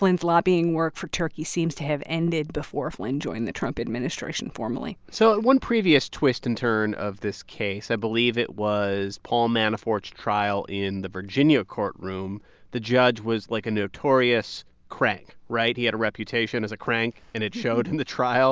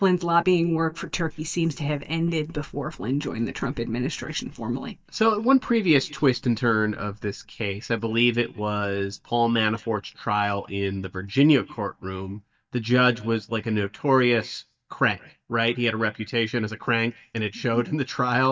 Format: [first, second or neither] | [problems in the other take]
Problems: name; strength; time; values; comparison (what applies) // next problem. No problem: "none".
first | noise reduction (neural mask model DeepFilterNet 3)